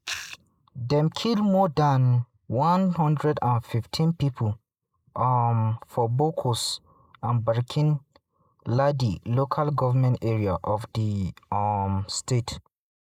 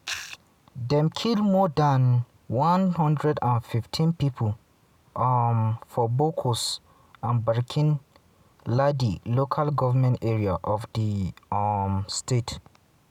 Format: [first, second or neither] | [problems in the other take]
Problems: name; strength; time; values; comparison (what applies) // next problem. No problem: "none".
second | noise reduction (neural mask model Resemble Enhance denoiser)